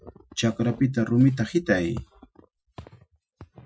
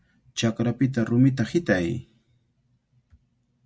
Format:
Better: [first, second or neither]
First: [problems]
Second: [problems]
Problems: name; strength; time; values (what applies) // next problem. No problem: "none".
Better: second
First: noise reduction (classical method Wiener filter)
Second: none